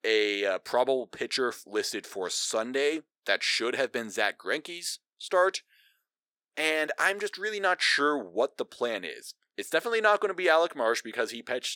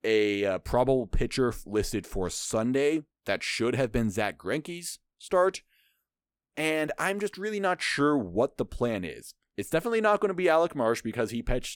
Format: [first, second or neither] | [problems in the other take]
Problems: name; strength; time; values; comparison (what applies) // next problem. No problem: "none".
second | thin; somewhat; fading below 450 Hz